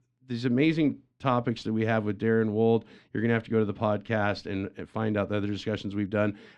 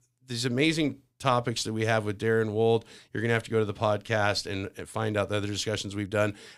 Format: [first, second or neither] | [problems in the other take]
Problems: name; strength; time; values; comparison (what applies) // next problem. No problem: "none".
second | muffled; slightly; fading above 3 kHz